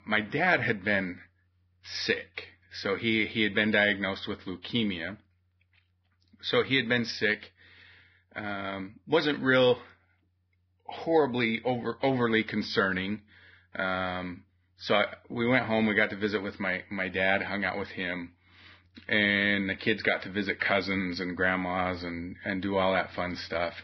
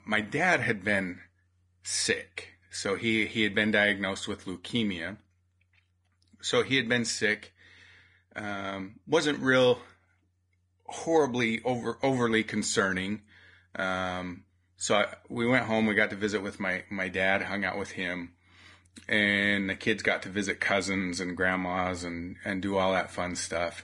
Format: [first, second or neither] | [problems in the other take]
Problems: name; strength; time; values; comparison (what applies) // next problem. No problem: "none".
second | garbled, watery; badly; nothing above 5.5 kHz; slightly in the second